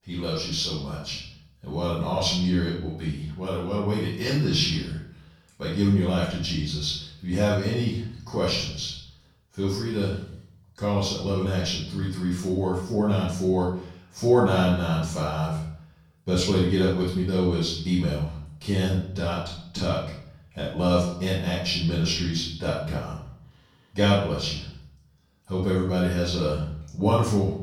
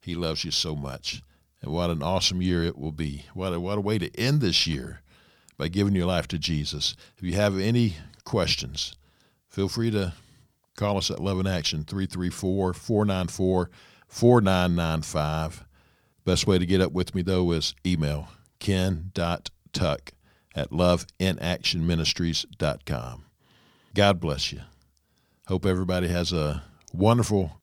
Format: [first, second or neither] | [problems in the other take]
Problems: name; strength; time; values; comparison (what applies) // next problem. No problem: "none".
second | off-mic speech; far // room echo; noticeable; dies away in 0.6 s